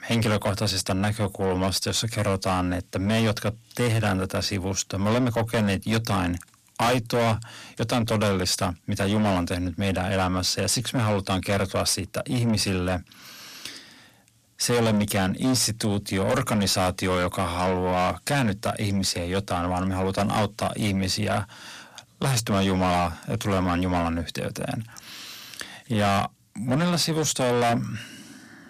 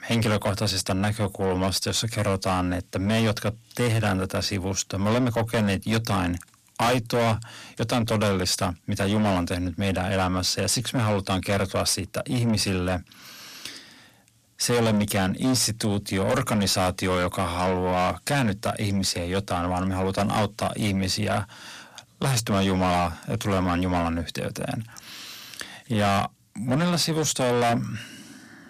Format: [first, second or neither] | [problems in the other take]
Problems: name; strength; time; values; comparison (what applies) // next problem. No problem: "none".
neither | distortion; heavy; 6 dB below the speech; the same in both